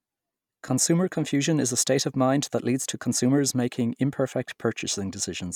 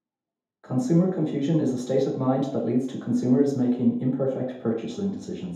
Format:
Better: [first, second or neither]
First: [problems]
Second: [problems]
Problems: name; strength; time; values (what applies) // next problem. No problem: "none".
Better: first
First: none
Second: room echo; dies away in 0.8 s